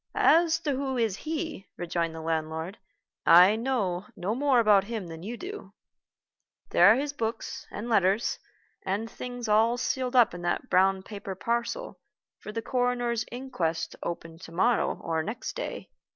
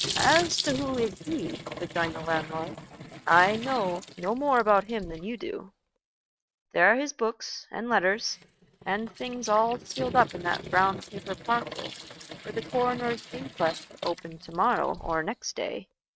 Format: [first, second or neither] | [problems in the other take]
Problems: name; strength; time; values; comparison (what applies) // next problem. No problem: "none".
first | noise reduction (neural mask model RNNoise)